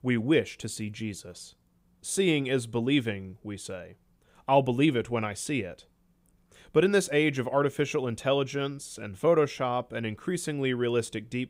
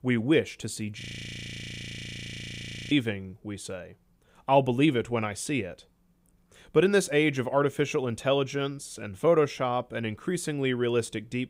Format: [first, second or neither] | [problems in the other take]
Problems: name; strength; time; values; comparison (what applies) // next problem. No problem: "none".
first | audio freezing; at 1 s for 2 s